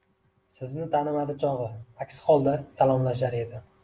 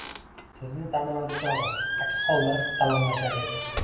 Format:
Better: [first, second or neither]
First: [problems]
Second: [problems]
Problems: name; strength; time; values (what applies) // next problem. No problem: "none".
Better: first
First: none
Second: background sound (Squeak); 2 dB below the speech // room echo; dies away in 1.3 s